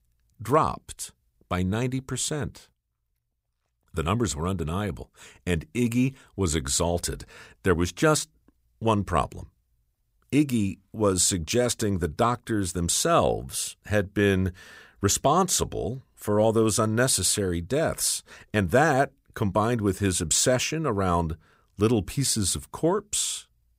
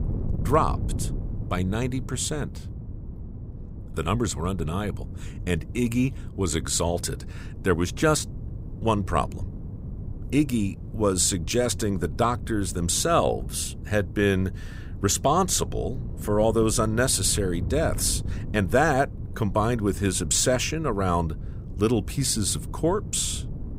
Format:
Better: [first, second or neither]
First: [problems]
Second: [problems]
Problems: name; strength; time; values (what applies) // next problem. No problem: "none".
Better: first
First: none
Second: wind noise on the microphone; occasional gusts; 20 dB below the speech